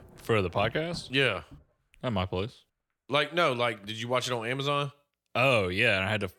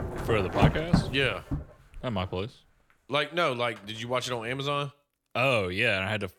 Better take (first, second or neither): first